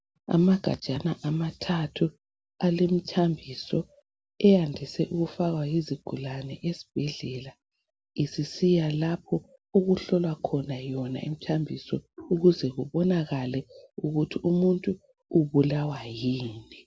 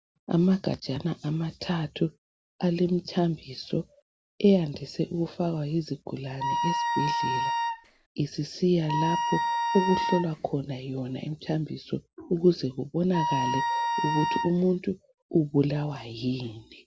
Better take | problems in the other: first | background sound (Wind instrument, woodwind instrument); as loud as the speech

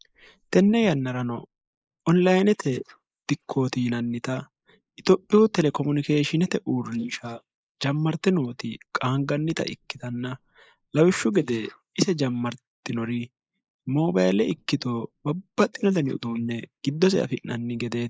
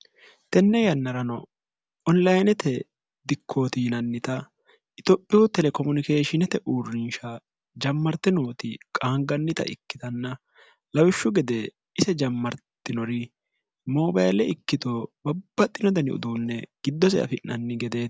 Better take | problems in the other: second | noise reduction (neural mask model Resemble Enhance denoiser)

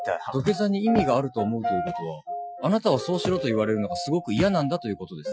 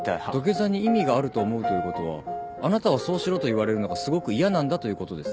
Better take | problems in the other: second | noise reduction (classical method Wiener filter)

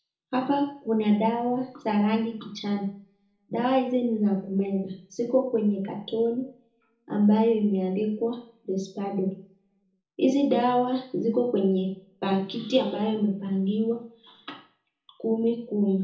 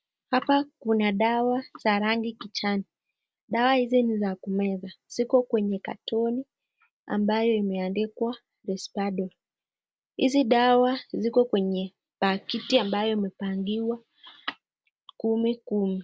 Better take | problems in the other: second | room echo; dies away in 0.6 s

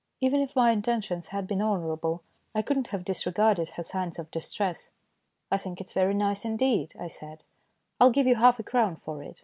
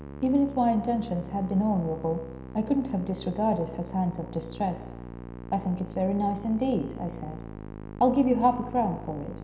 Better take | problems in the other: first | background sound (Musical instrument); 12 dB below the speech // room echo; dies away in 0.9 s

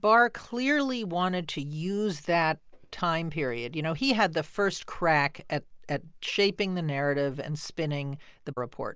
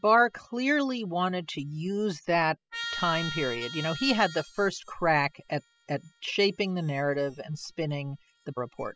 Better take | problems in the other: first | noise reduction (classical method spectral subtraction)

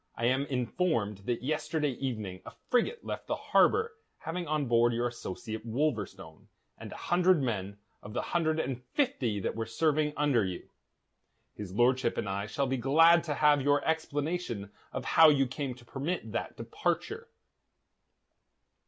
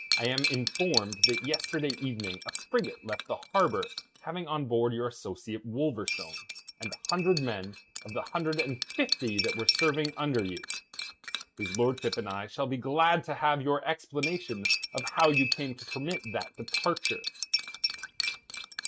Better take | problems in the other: first | noise reduction (neural mask model RNNoise)

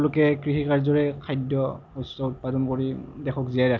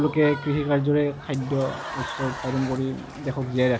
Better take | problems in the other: first | background sound (Applause / Crowd); 12 dB below the speech

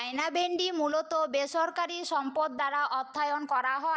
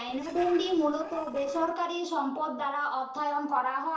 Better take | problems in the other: first | noise reduction (neural separator model SepFormer DNS4)

